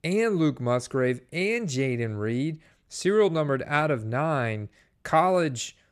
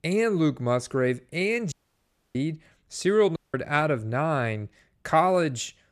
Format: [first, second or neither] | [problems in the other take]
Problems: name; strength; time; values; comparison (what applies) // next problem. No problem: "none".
first | audio cutting out; at 1.5 s for 0.5 s and at 3.5 s